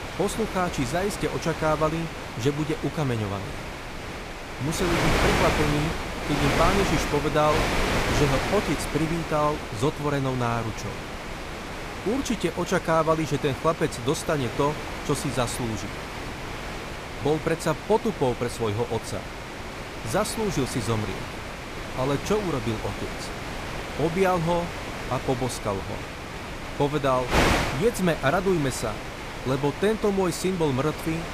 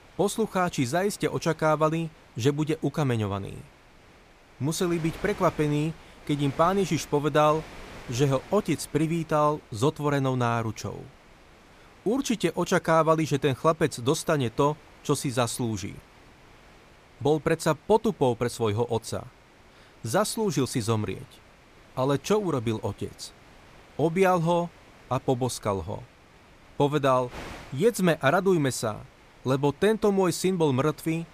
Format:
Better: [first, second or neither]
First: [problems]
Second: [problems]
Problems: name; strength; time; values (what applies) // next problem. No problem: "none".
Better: second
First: wind noise on the microphone; heavy; 3 dB below the speech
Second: wind noise on the microphone; occasional gusts; 25 dB below the speech